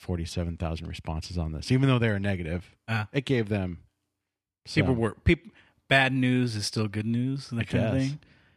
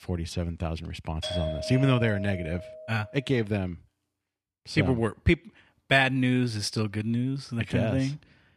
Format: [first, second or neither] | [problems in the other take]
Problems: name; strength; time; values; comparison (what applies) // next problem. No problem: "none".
first | doorbell; noticeable; from 1 to 3 s; peak 5 dB below the speech